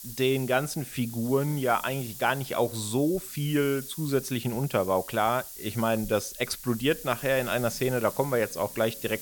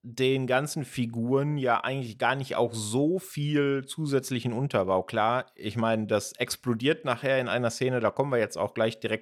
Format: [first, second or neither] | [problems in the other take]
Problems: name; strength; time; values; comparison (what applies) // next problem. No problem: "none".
second | hiss; noticeable; throughout; 10 dB below the speech